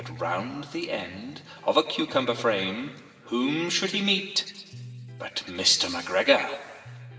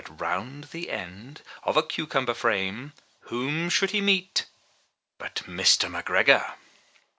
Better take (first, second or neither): second